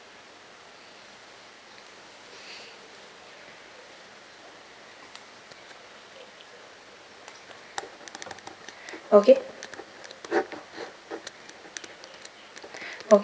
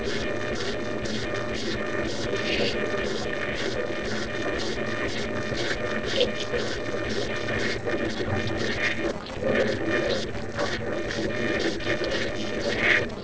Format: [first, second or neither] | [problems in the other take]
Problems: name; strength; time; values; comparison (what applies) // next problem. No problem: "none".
first | noise reduction (neural separator model SepFormer DNS4)